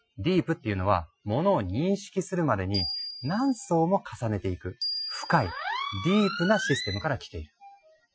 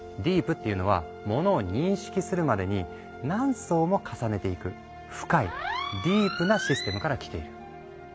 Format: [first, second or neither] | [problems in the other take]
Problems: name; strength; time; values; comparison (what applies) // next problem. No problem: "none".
second | noise reduction (classical method Wiener filter)